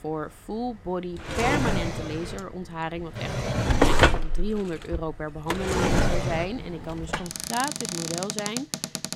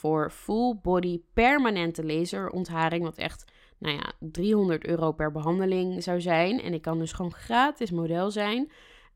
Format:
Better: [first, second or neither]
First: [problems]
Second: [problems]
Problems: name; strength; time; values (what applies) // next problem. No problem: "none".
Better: second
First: household noises; very loud; throughout; 5 dB above the speech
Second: none